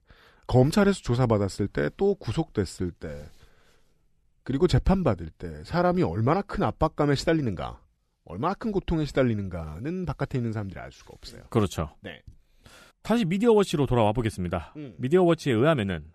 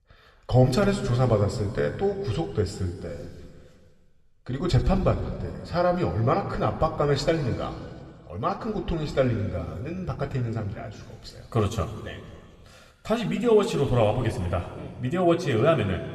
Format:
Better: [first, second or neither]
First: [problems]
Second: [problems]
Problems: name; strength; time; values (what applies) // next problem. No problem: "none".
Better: first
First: none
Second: room echo; slight; dies away in 2.1 s